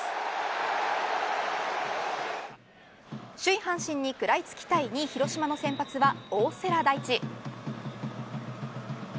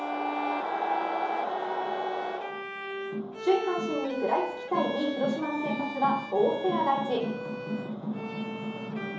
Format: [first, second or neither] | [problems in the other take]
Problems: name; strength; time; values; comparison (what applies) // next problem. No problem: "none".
first | background sound (Bowed string instrument); 8 dB below the speech // room echo; dies away in 2.8 s